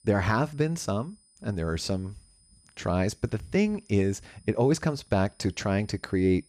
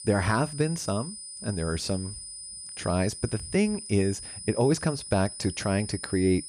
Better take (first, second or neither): first